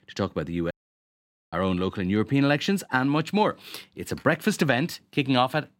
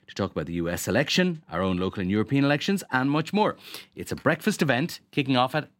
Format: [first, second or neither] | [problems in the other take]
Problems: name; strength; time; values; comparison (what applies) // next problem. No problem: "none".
second | audio cutting out; at 0.5 s for 1 s